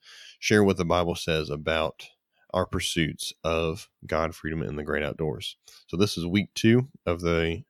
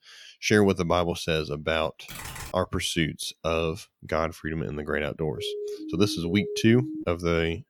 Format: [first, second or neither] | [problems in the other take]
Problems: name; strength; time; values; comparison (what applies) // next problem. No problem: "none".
first | keyboard typing; faint; at 2 s; peak 10 dB below the speech // siren; noticeable; from 5.5 to 7 s; peak 7 dB below the speech